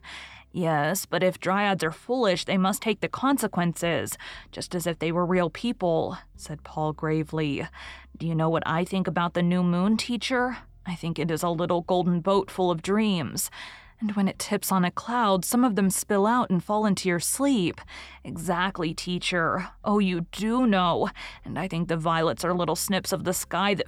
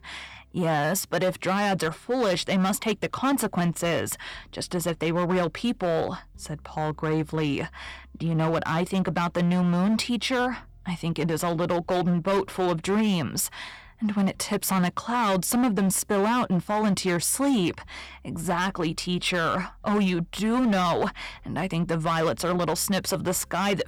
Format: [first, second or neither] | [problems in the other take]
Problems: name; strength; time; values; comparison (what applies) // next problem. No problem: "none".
first | distortion; slight; 11% of the sound clipped